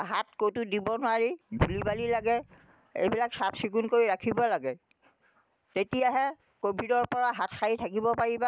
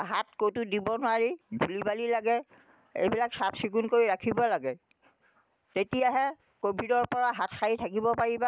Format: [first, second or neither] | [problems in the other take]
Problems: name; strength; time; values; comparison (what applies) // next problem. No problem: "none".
second | background sound (Explosion); 8 dB below the speech